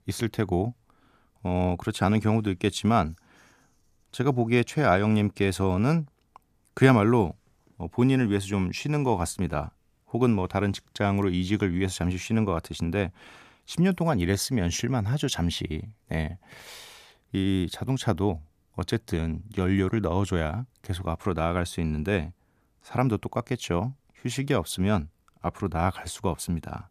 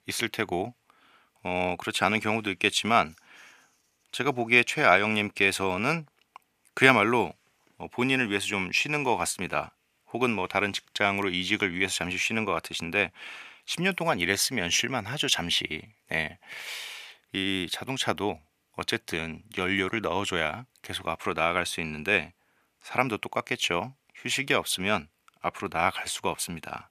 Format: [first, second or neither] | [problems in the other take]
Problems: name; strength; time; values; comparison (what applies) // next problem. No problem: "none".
first | thin; somewhat; fading below 750 Hz